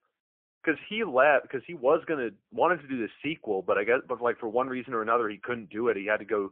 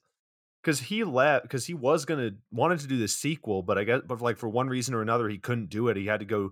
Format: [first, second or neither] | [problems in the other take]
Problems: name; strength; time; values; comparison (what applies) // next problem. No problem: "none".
second | phone-call audio; poor line; nothing above 3 kHz